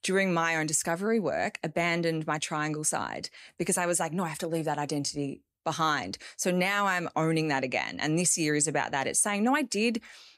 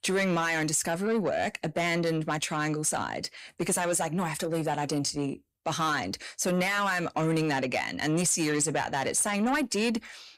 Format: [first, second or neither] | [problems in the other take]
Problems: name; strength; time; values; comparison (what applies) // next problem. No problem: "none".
first | distortion; slight; 10 dB below the speech